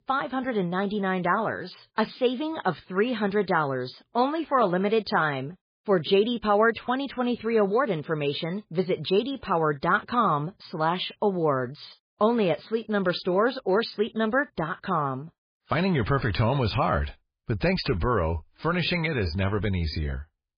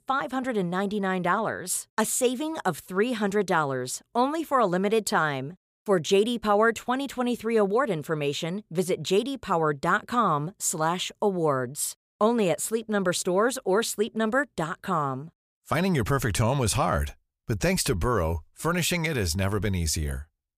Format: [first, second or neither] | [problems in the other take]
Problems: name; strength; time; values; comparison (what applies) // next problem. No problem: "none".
second | garbled, watery; badly